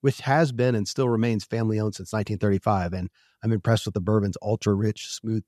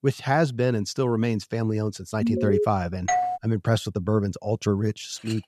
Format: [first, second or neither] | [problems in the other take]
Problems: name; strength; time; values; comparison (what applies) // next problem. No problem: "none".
first | alarm; loud; at 2 s; peak 1 dB above the speech // doorbell; loud; at 3 s; peak 1 dB above the speech // clattering dishes; very faint; at 5 s; peak 15 dB below the speech